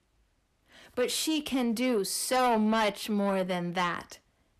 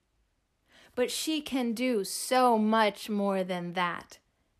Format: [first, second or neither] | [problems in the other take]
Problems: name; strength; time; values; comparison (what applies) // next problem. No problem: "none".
second | distortion; slight; 10 dB below the speech